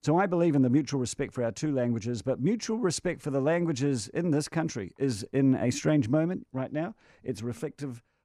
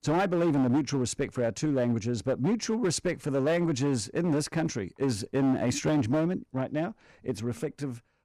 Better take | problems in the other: first | distortion; slight; 9% of the sound clipped

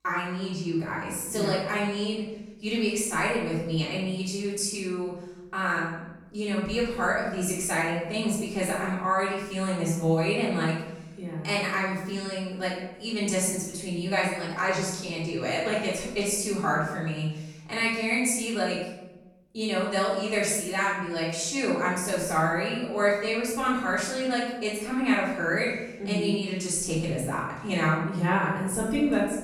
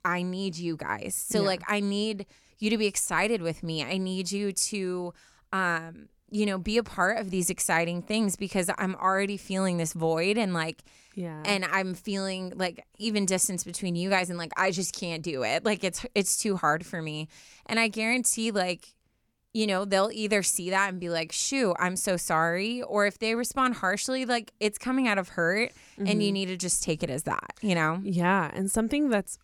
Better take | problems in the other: second | off-mic speech; far // room echo; noticeable; dies away in 0.9 s

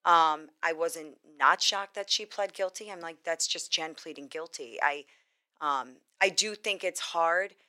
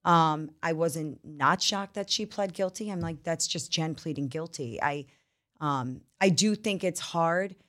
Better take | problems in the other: second | thin; very; fading below 450 Hz

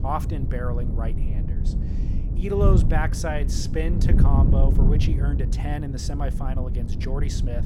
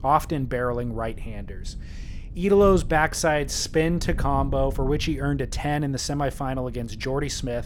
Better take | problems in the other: second | wind noise on the microphone; heavy; 6 dB below the speech; occasional gusts in the second

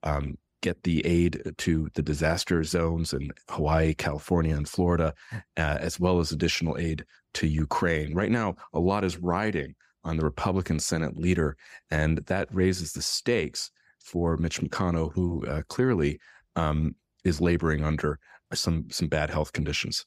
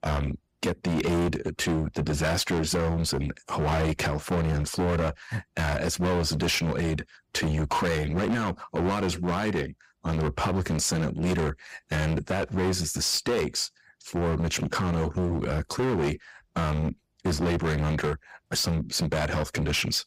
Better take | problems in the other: first | distortion; heavy; 20% of the sound clipped

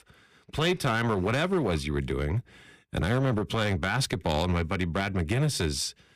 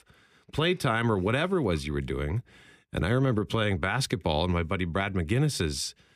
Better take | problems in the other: second | distortion; slight; 7% of the sound clipped

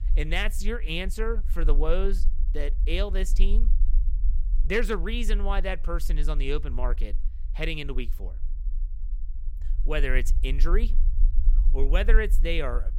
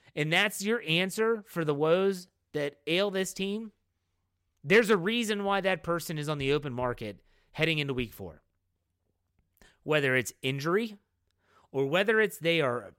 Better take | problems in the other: second | low rumble; faint; throughout; 20 dB below the speech

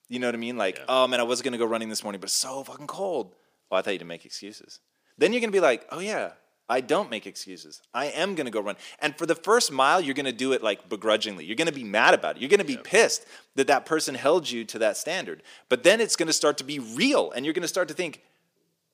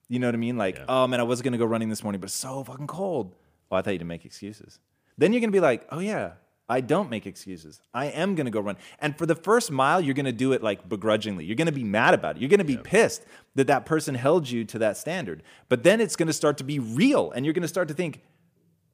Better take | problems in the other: second | thin; very slightly; fading below 300 Hz

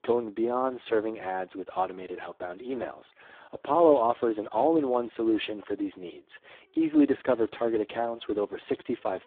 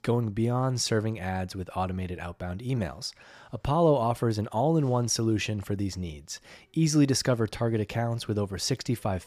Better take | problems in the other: second | phone-call audio; poor line

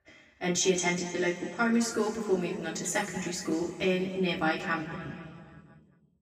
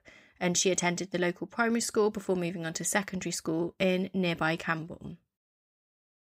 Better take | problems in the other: second | room echo; noticeable; dies away in 2.3 s // off-mic speech; far

